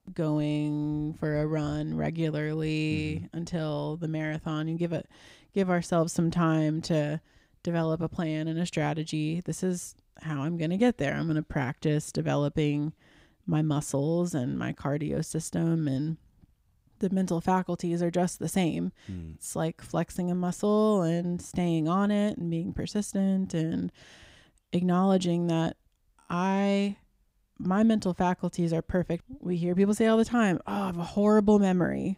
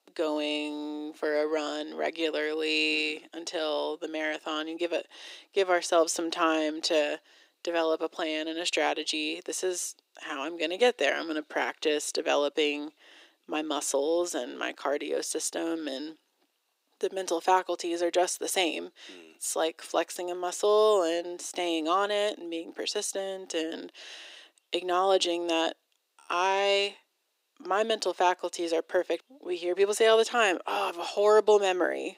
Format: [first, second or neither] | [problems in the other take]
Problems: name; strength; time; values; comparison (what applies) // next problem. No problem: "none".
first | thin; very; fading below 350 Hz